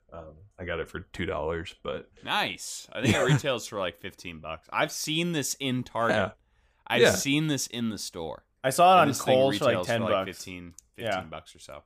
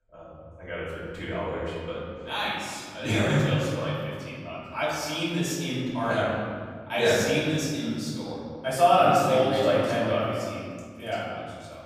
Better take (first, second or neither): first